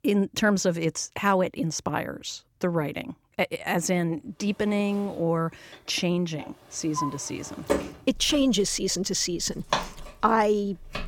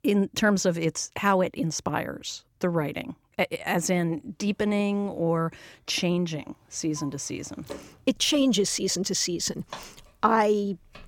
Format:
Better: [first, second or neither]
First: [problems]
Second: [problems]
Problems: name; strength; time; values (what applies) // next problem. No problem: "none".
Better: second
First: household noises; loud; from 4.5 s on; 7 dB below the speech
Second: household noises; faint; from 4.5 s on; 20 dB below the speech